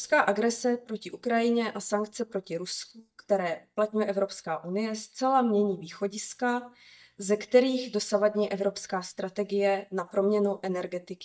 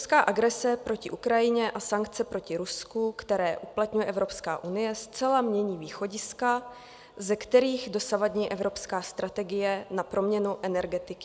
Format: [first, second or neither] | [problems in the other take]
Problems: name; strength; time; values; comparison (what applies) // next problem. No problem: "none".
second | noise reduction (neural mask model DeepFilterNet 3)